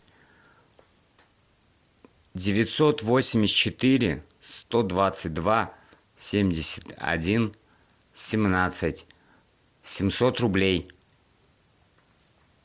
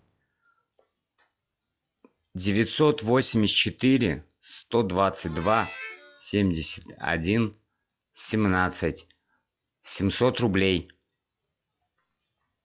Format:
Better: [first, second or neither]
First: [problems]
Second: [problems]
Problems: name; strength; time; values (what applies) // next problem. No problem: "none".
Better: first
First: none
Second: noise reduction (classical method log-MMSE)